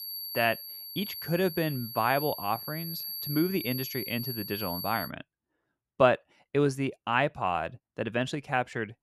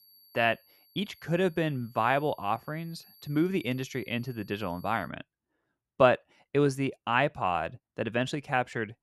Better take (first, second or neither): second